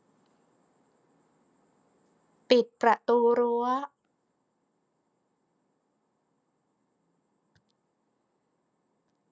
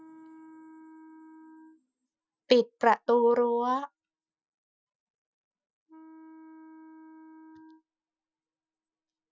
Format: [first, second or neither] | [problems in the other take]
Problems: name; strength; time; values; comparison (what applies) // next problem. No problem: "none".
first | noise reduction (classical method Wiener filter)